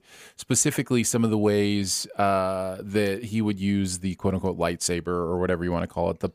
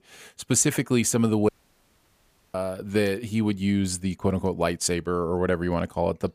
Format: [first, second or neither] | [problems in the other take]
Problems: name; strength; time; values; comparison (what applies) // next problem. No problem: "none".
first | audio cutting out; at 1.5 s for 1 s